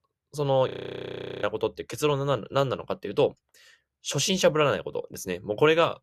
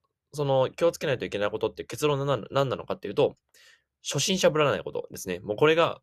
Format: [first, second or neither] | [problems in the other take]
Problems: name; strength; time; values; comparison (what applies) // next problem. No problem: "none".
second | audio freezing; at 0.5 s for 0.5 s